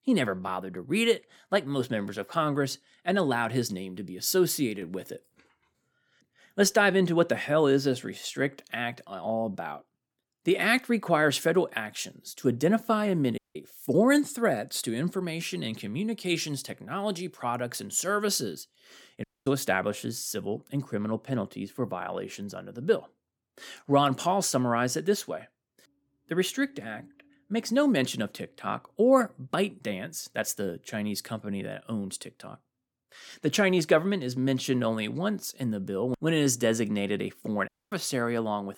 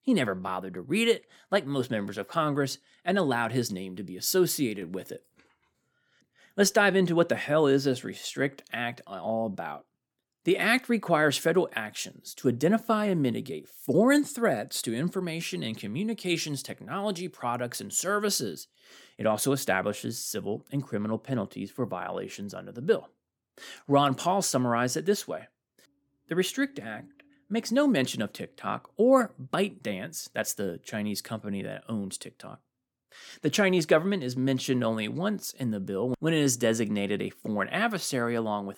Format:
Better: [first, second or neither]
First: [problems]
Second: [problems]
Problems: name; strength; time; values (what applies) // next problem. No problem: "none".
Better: second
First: audio cutting out; at 13 s, at 19 s and at 38 s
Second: none